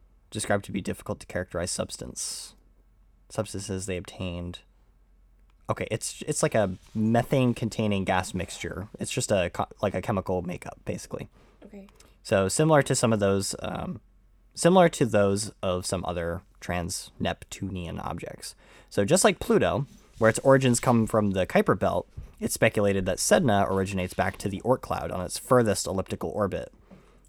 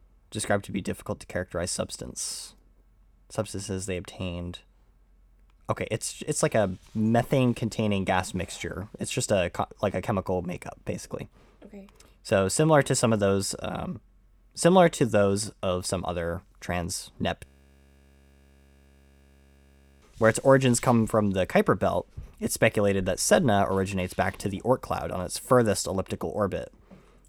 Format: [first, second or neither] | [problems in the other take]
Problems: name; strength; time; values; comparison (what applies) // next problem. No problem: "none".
first | audio freezing; at 17 s for 2.5 s